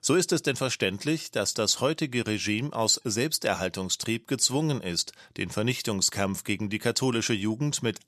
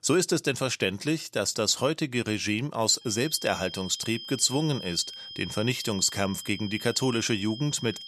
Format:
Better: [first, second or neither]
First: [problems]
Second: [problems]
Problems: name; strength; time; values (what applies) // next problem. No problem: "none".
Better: first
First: none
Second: high-pitched whine; noticeable; from 3 s on; 3 kHz, 10 dB below the speech